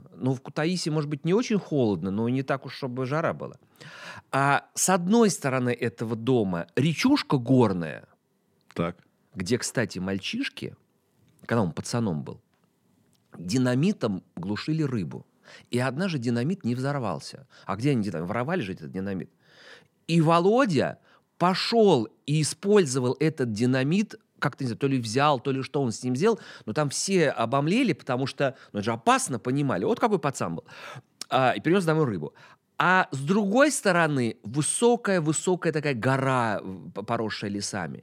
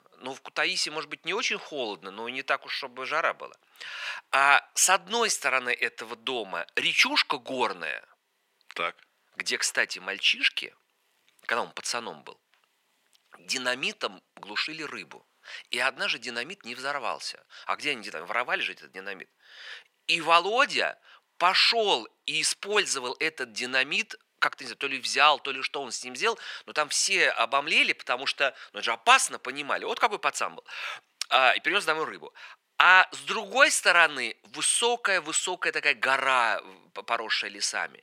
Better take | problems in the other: first | thin; very; fading below 750 Hz

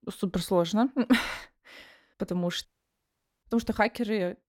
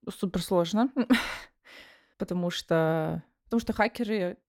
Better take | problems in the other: second | audio cutting out; at 2.5 s for 1 s

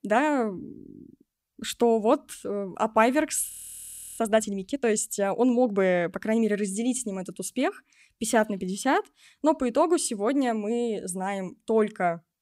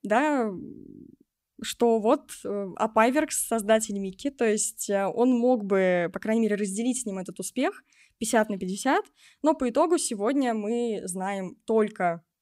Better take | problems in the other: second | audio freezing; at 3.5 s for 0.5 s

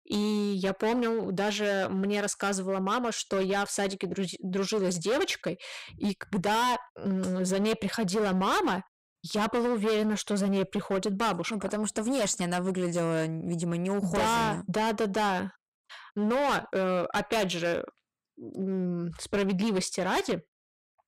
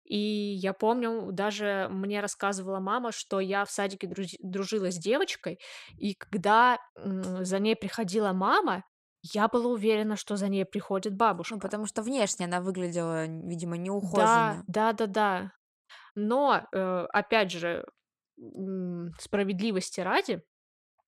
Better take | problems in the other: second | distortion; heavy; 16% of the sound clipped

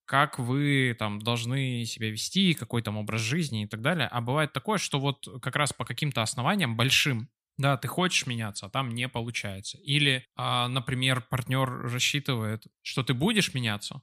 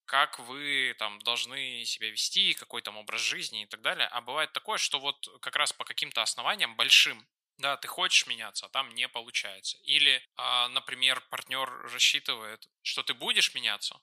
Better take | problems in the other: first | thin; very; fading below 700 Hz

